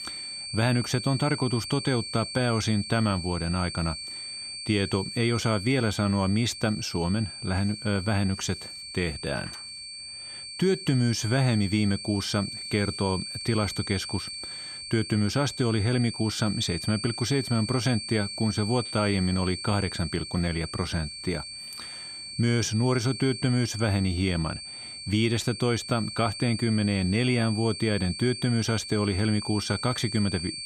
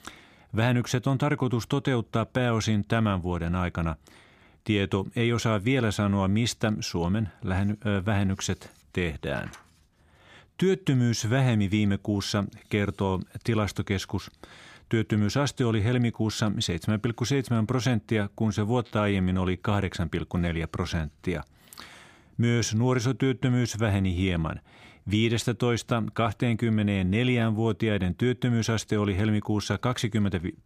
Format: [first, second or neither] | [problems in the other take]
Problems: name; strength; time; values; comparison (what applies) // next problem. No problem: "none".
second | high-pitched whine; loud; throughout; 4.5 kHz, 8 dB below the speech